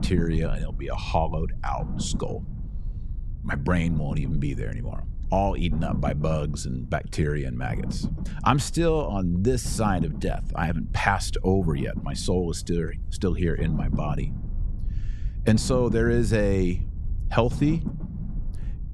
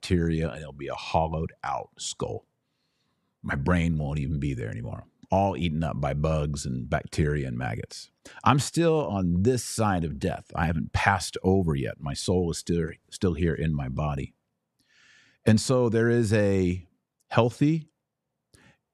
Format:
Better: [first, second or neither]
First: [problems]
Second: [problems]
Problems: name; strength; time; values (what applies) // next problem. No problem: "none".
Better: second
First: low rumble; noticeable; throughout; 15 dB below the speech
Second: none